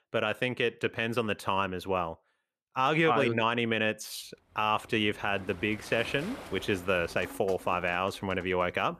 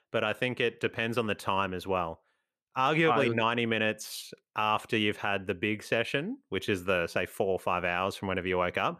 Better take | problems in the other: second | rain or running water; noticeable; from 4.5 s on; 20 dB below the speech

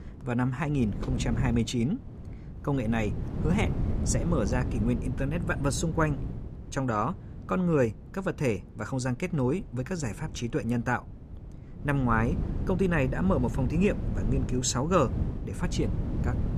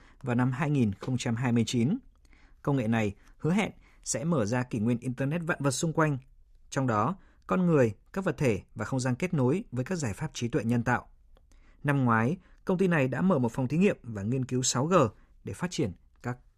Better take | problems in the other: second | wind noise on the microphone; occasional gusts; 10 dB below the speech

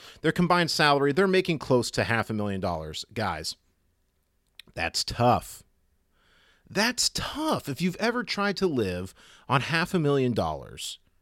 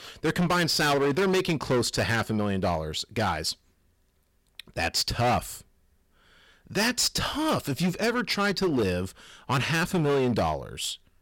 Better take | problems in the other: first | distortion; heavy; 12% of the sound clipped

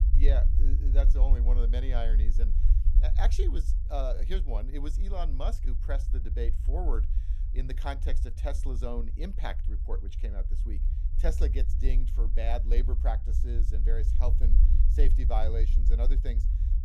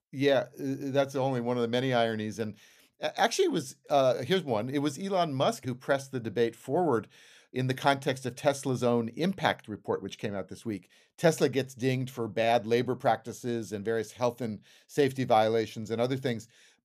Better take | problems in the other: second | low rumble; noticeable; throughout; 10 dB below the speech

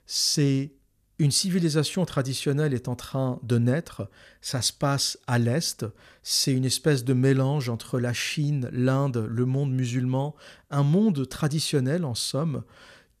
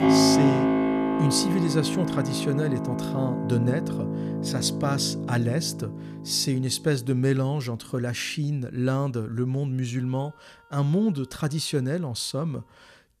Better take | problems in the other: first | background music; very loud; throughout; as loud as the speech

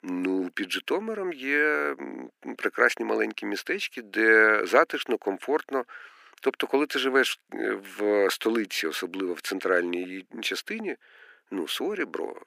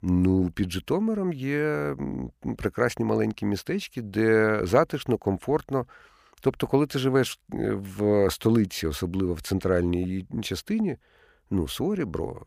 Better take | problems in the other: second | thin; somewhat; fading below 300 Hz

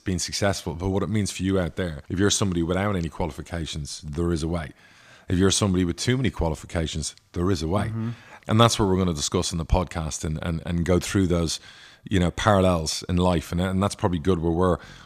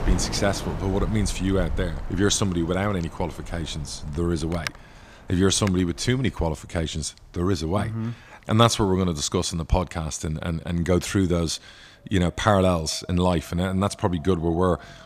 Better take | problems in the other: first | wind in the background; noticeable; throughout; 10 dB below the speech

